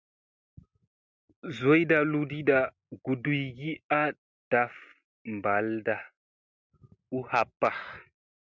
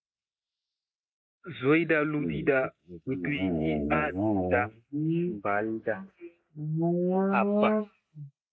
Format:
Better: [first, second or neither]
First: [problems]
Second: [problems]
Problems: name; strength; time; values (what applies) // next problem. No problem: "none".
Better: first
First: none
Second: noise reduction (neural mask model Resemble Enhance denoiser)